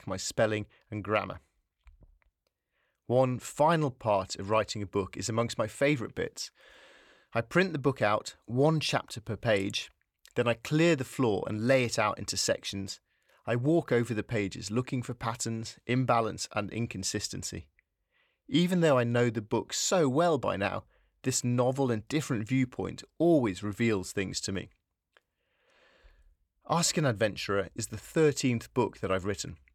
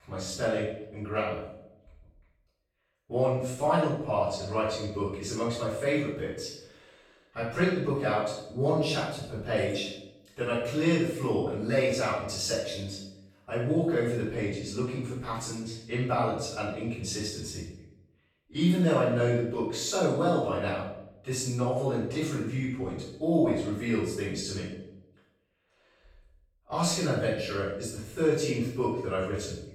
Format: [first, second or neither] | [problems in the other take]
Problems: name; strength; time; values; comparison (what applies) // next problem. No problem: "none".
first | off-mic speech; far // room echo; strong; dies away in 0.7 s